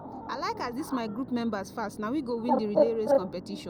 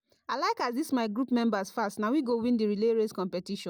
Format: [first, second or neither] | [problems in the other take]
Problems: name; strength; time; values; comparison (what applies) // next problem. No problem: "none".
second | background sound (Bird); 1 dB above the speech